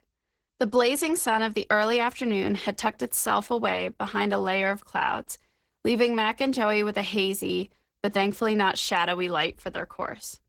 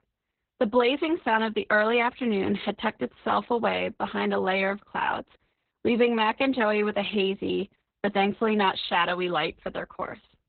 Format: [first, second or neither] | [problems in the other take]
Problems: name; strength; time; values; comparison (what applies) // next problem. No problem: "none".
first | garbled, watery; badly; nothing above 4 kHz; slightly in the first